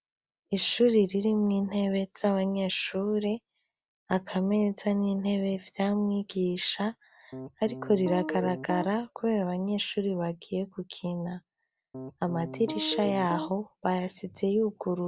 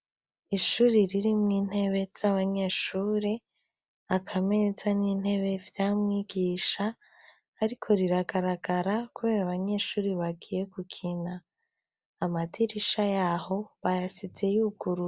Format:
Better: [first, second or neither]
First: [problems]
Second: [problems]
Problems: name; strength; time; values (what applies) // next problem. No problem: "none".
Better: second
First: background sound (Piano); 8 dB below the speech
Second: none